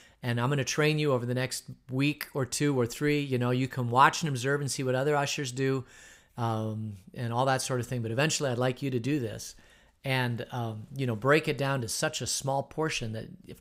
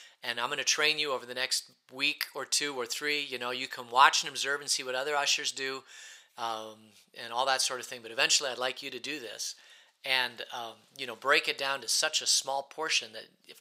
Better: first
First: none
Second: thin; very; fading below 650 Hz

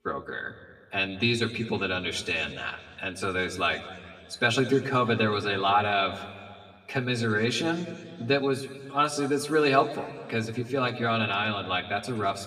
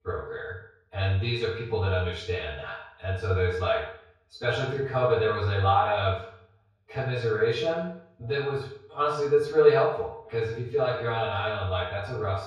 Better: first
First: room echo; slight; dies away in 1.8 s // off-mic speech; somewhat distant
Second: room echo; strong; dies away in 0.7 s // off-mic speech; far

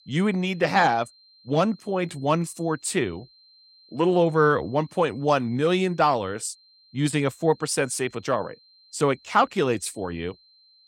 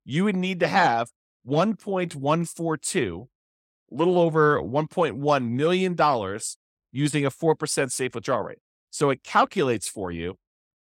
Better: second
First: high-pitched whine; faint; throughout; 4 kHz, 30 dB below the speech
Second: none

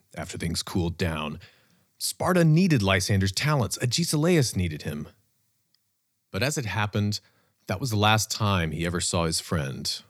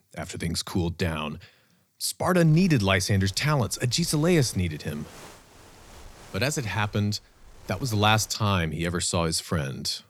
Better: first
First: none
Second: wind noise on the microphone; occasional gusts; from 2.5 to 8.5 s; 25 dB below the speech

